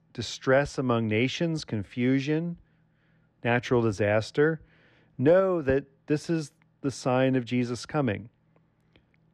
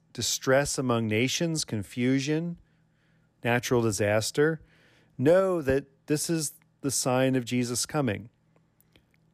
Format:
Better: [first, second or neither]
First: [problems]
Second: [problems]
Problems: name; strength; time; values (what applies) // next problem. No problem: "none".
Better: second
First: muffled; slightly; fading above 3 kHz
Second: none